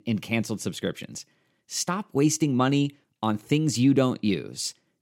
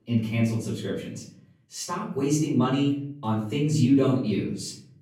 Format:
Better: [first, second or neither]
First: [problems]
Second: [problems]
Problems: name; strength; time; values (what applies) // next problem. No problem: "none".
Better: first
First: none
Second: off-mic speech; far // room echo; noticeable; dies away in 0.8 s